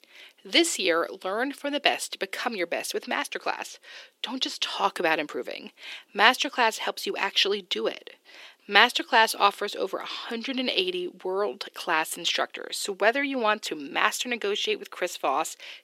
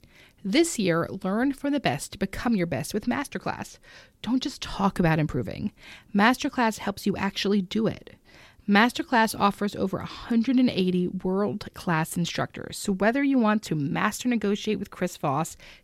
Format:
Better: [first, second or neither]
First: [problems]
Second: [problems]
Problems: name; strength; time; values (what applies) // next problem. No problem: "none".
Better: second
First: thin; very; fading below 350 Hz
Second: none